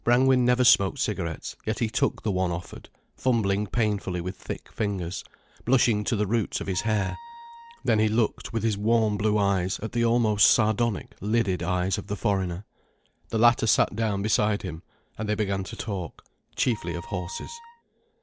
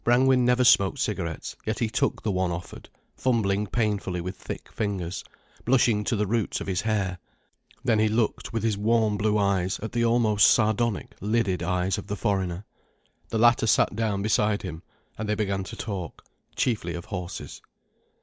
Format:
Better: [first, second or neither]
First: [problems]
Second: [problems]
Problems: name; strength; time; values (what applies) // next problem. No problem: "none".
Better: second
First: background sound (Wind instrument, woodwind instrument); 18 dB below the speech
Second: none